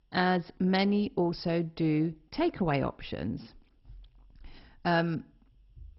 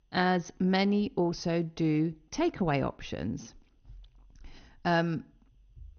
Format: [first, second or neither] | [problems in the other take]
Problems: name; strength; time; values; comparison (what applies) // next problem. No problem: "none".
second | garbled, watery; badly; nothing above 5.5 kHz; slightly in the second